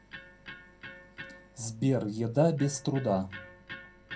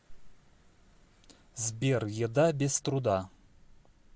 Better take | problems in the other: second | background sound (Electric guitar); 17 dB below the speech // room echo; dies away in 0.3 s

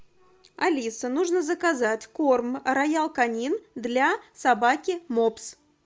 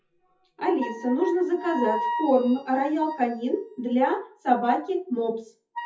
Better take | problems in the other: first | noise reduction (classical method WPE with log-MMSE)

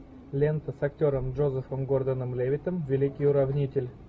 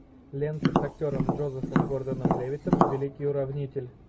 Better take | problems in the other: first | background sound (Tap); 5 dB above the speech

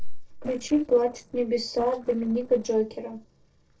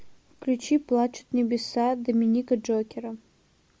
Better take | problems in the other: second | noise reduction (neural separator model SepFormer DNS4)

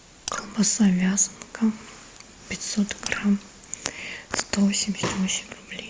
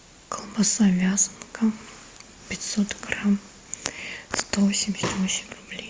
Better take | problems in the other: second | background sound (Raindrop / Splash, splatter); 15 dB below the speech

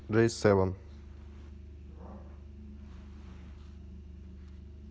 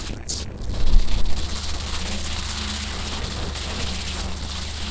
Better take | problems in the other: first | noise reduction (neural separator model SepFormer DNS4)

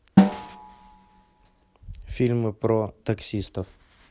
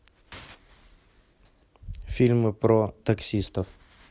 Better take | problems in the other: second | background sound (Snare drum); 2 dB above the speech

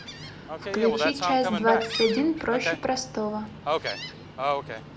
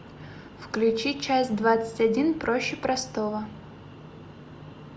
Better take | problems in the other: second | background sound (Gull, seagull); 3 dB below the speech

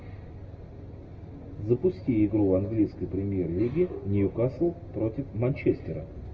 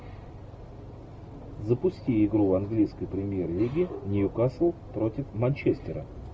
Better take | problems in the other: second | room echo; dies away in 0.9 s

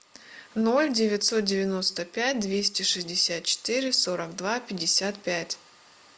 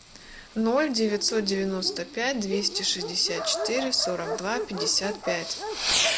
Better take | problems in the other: first | background sound (Fireworks + Dog); 5 dB below the speech

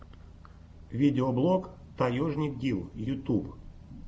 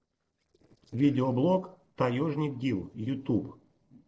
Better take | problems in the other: first | noise reduction (neural separator model SepFormer DNS4)

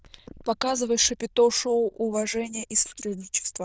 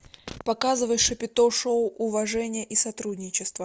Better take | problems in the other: second | noise reduction (neural diffusion model UNIVERSE++)

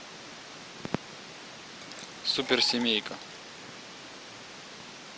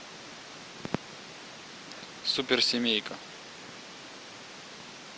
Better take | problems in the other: second | background sound (Liquid); 14 dB below the speech

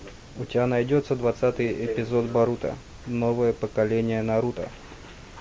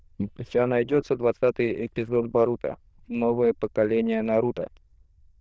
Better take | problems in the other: first | noise reduction (neural diffusion model UNIVERSE++)

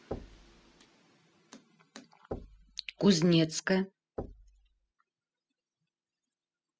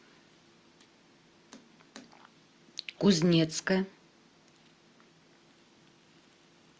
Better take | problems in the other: second | noise reduction (classical method spectral subtraction)

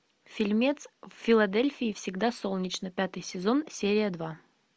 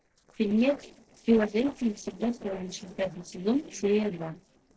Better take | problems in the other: first | noise reduction (neural separator model SepFormer DNS4)

